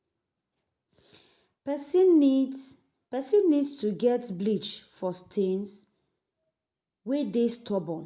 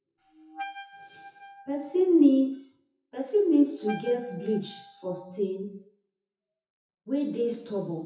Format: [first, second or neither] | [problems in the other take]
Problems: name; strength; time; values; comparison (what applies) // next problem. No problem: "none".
first | noise reduction (classical method WPE with log-MMSE)